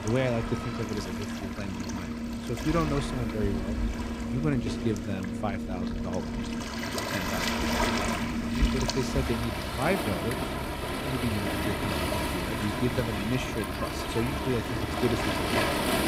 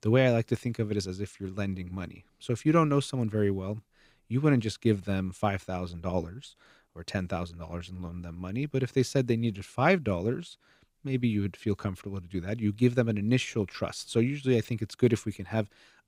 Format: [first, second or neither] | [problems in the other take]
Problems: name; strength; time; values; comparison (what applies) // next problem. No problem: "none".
second | rain or running water; very loud; throughout; 2 dB above the speech